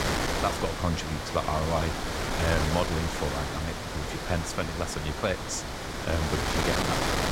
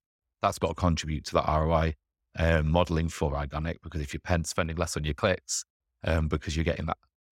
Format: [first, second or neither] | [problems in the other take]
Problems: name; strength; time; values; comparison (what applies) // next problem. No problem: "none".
second | wind noise on the microphone; heavy; 1 dB above the speech